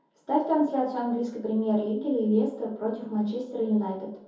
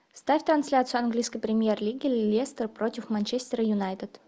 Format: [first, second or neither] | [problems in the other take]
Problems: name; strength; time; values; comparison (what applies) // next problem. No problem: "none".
second | room echo; dies away in 0.6 s